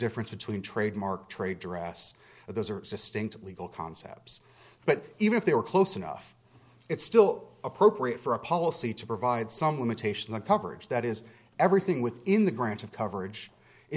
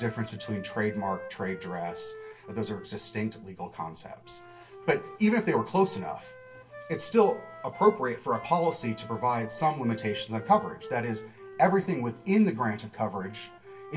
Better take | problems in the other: first | background sound (Wind instrument, woodwind instrument); 16 dB below the speech // room echo; dies away in 0.2 s

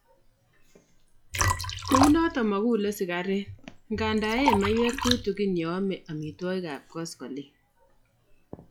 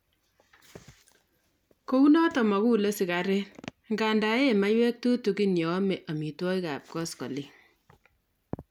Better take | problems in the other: second | noise reduction (classical method log-MMSE)

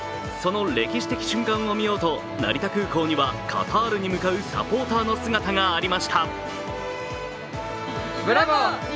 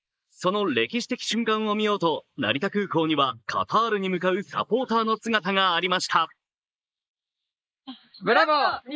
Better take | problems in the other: first | noise reduction (neural mask model Resemble Enhance denoiser)

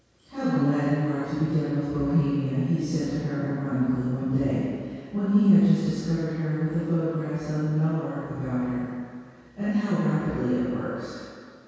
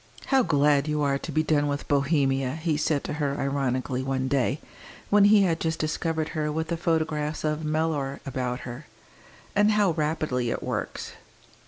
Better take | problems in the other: second | room echo; dies away in 2 s

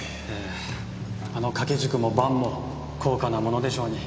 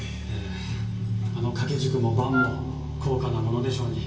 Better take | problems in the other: first | background sound (Wind instrument, woodwind instrument); 5 dB below the speech // room echo; dies away in 0.3 s

